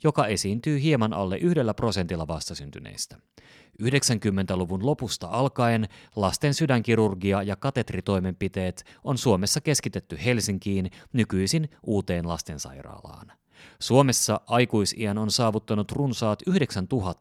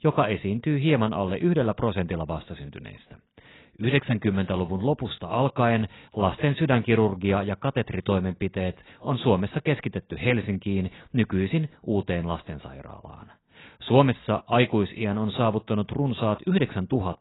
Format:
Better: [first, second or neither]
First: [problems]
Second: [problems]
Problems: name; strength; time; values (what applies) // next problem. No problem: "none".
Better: first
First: none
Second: garbled, watery; badly; nothing above 4 kHz